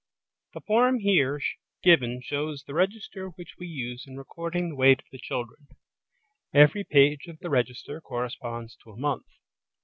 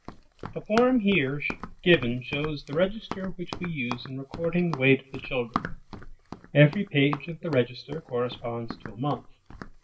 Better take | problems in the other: first | background sound (Run); 12 dB below the speech // room echo; dies away in 0.2 s

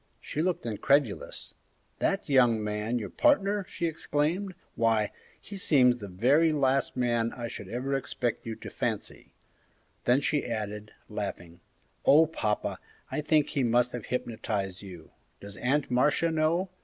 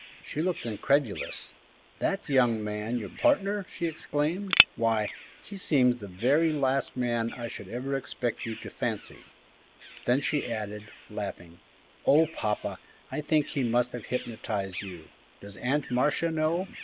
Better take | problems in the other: first | background sound (Bird vocalization, bird call, bird song); 10 dB below the speech

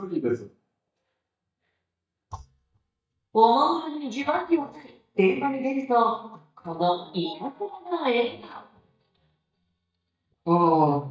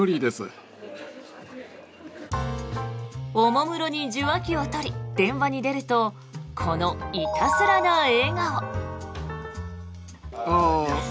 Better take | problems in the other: second | noise reduction (neural mask model DeepFilterNet 3)

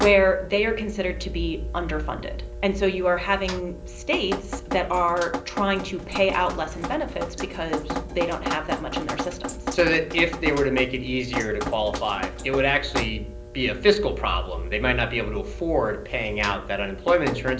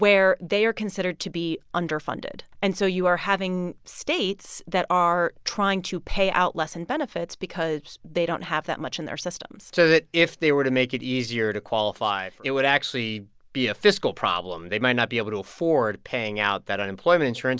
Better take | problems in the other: second | background sound (Drip); 7 dB below the speech // room echo; dies away in 0.5 s

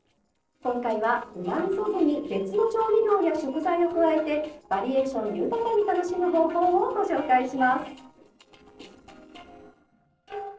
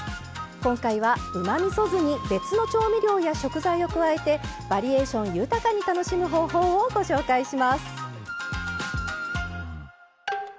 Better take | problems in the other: second | noise reduction (neural separator model SepFormer DNS4)

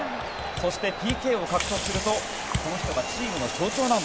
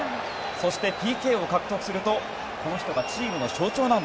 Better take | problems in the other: second | background sound (Computer keyboard + Water); 6 dB below the speech

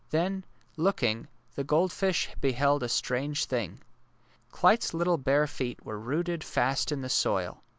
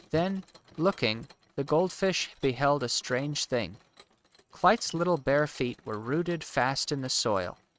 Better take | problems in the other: first | noise reduction (neural mask model RNNoise)

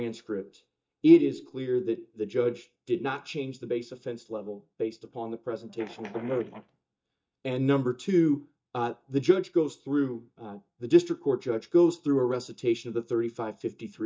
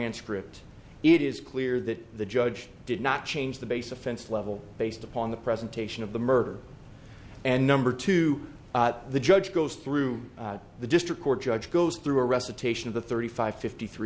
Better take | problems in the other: second | noise reduction (neural mask model DeepFilterNet 3)

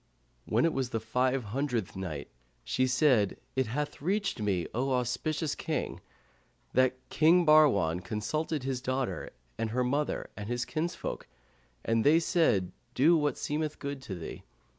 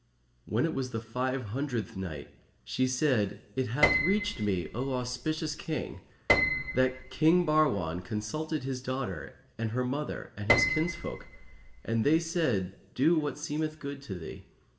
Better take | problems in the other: first | background sound (Piano); 3 dB below the speech // room echo; dies away in 0.6 s

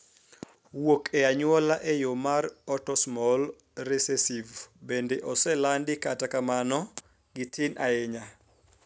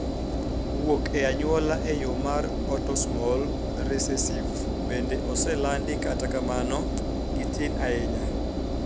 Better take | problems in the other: first | background sound (Engine); 2 dB above the speech

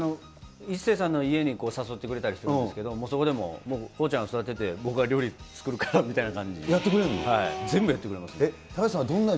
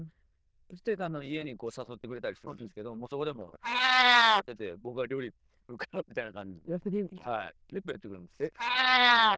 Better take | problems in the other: first | noise reduction (neural diffusion model UNIVERSE++)

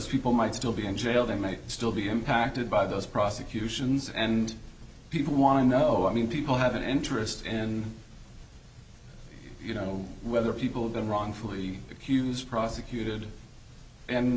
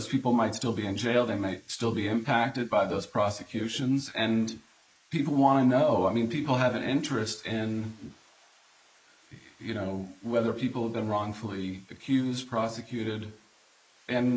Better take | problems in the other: first | noise reduction (neural mask model Resemble Enhance denoiser)

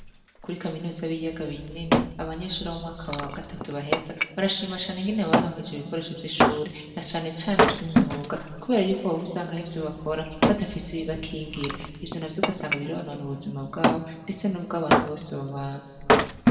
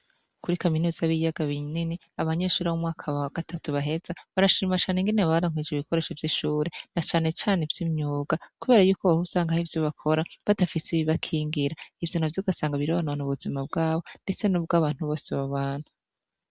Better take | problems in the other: second | background sound (Wood); 2 dB above the speech // room echo; dies away in 1.9 s

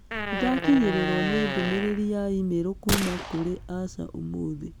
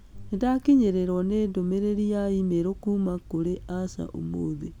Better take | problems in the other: second | background sound (Gunshot, gunfire + Fart); 5 dB below the speech

